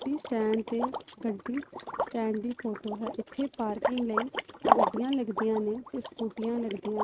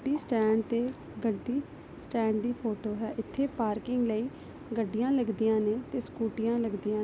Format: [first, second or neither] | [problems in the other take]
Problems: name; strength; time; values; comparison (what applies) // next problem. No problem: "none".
second | noise reduction (neural mask model RNNoise)